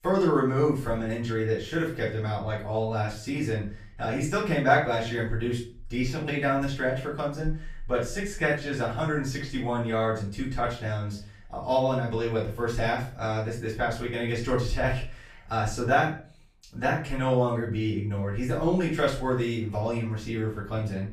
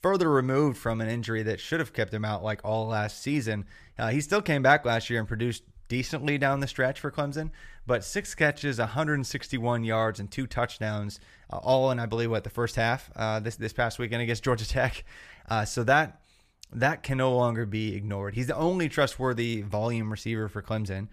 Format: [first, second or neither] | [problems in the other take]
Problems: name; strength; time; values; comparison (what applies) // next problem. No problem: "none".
second | off-mic speech; far // room echo; noticeable; dies away in 0.3 s